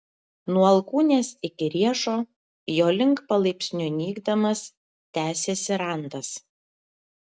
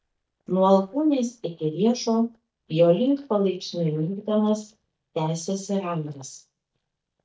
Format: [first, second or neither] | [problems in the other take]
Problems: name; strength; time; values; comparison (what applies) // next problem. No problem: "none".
first | noise reduction (neural mask model DeepFilterNet 3)